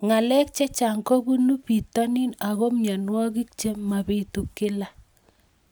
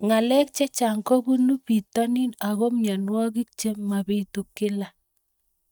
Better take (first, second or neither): first